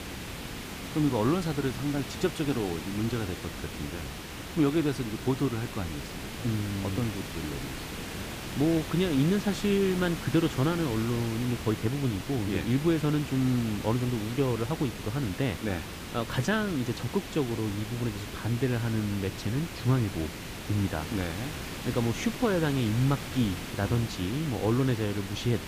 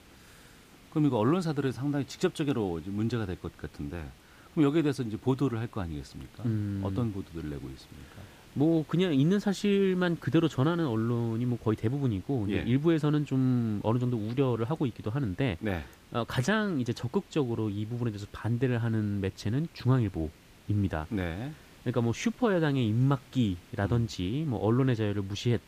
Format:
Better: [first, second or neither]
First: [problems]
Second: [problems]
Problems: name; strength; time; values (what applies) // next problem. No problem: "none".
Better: second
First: hiss; loud; throughout; 8 dB below the speech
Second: hiss; faint; throughout; 25 dB below the speech